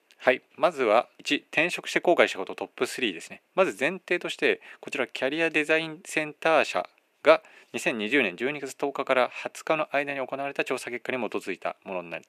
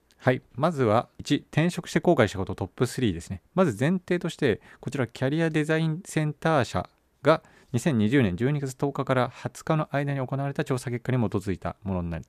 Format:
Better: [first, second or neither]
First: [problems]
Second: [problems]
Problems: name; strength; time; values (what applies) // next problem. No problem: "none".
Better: second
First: thin; somewhat; fading below 300 Hz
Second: none